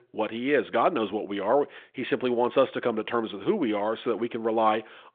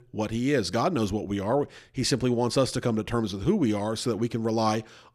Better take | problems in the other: second | phone-call audio

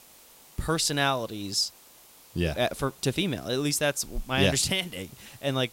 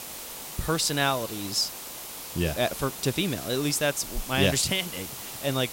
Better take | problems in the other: first | hiss; loud; throughout; 9 dB below the speech; faint in the first

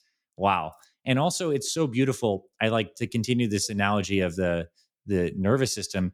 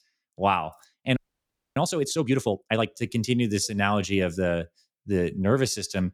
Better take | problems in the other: first | audio freezing; at 1 s for 0.5 s

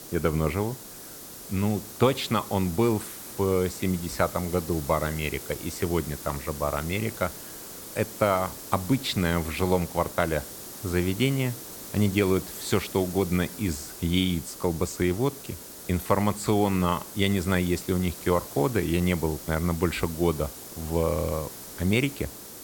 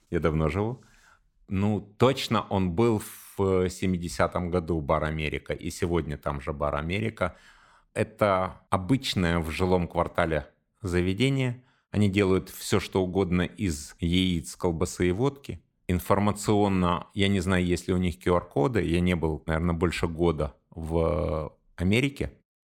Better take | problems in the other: second | hiss; noticeable; throughout; 10 dB below the speech

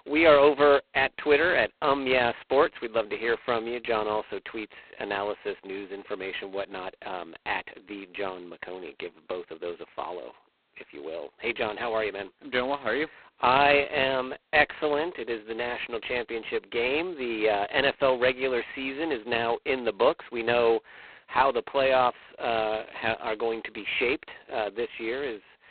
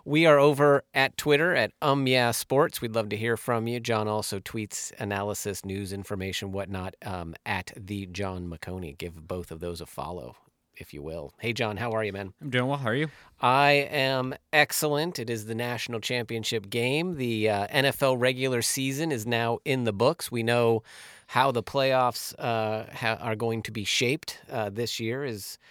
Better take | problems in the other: second | phone-call audio; poor line; nothing above 4 kHz

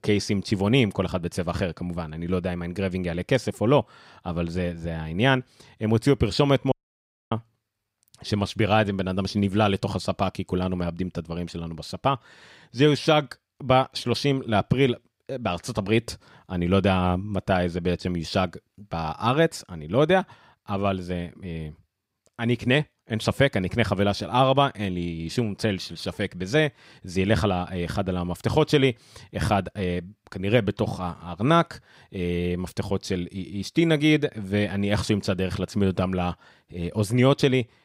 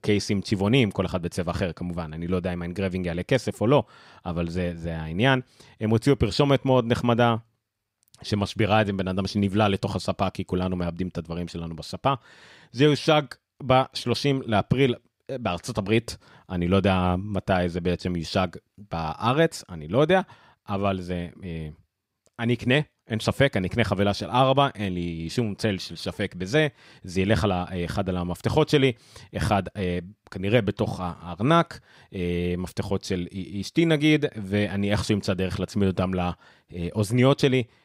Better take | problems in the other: second | audio cutting out; at 6.5 s for 0.5 s

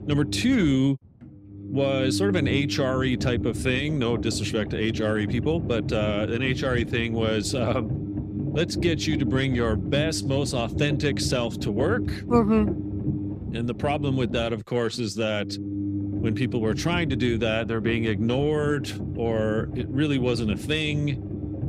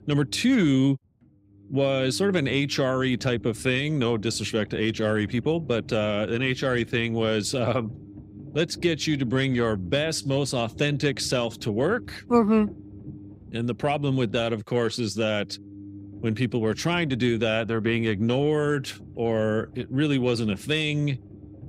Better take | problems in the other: second | low rumble; loud; throughout; 10 dB below the speech; faint in the second

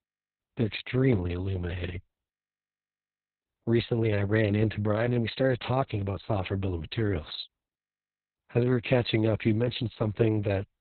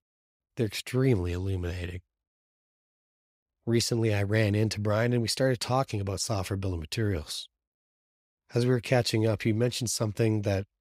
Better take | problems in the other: second | garbled, watery; badly; nothing above 4 kHz

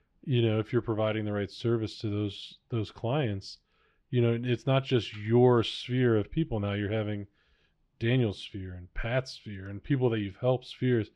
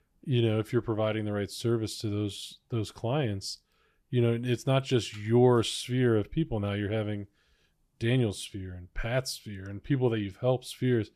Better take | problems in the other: second | muffled; very slightly; fading above 3 kHz

